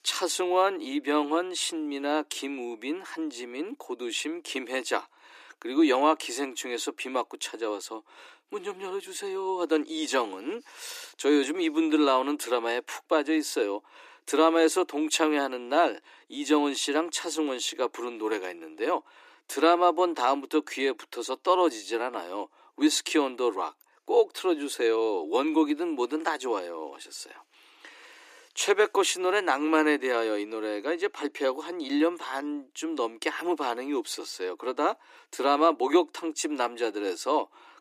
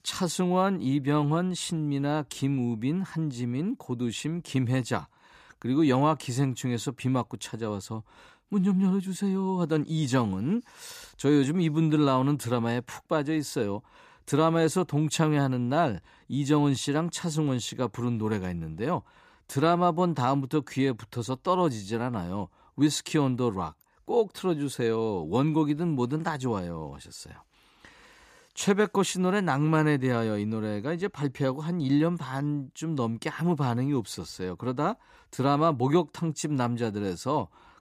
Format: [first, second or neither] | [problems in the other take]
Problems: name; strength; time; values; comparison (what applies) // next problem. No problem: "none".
second | thin; somewhat; fading below 300 Hz